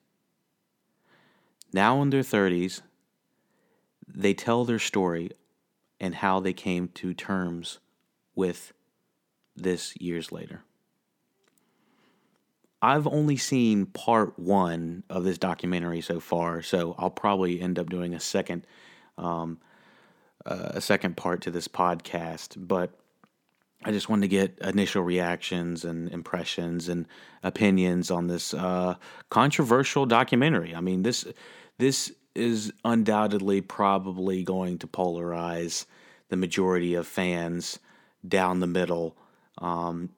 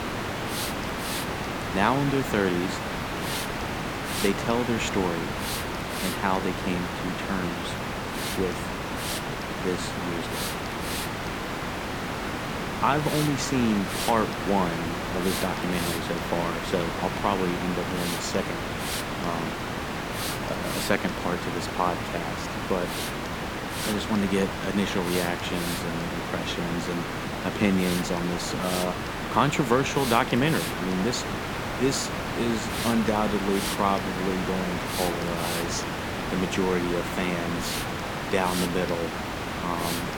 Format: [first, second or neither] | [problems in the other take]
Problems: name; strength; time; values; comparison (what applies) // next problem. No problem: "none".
first | hiss; loud; throughout; 2 dB below the speech